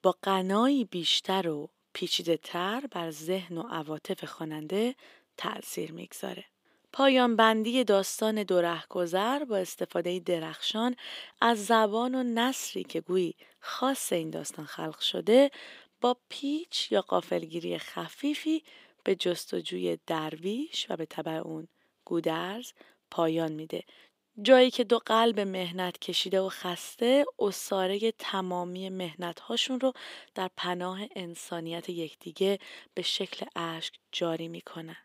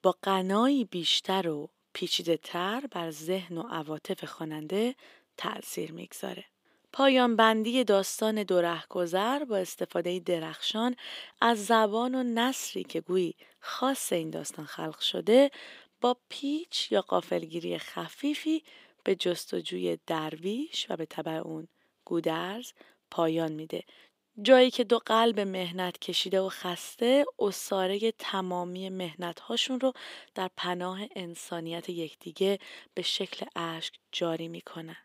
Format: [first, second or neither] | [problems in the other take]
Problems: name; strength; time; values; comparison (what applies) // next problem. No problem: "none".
neither | thin; very slightly; fading below 350 Hz; the same in both